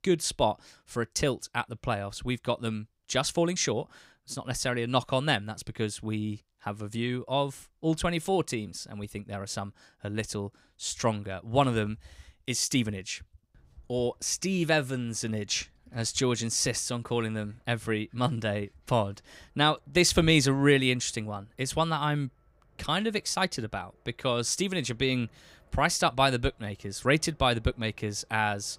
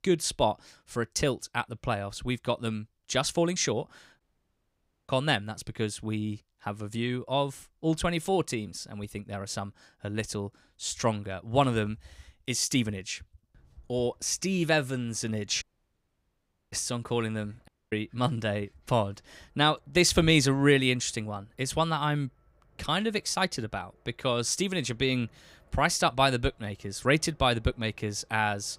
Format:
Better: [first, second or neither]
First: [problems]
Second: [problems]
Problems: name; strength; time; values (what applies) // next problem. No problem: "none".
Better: first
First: none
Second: audio cutting out; at 4 s for 1 s, at 16 s for 1 s and at 18 s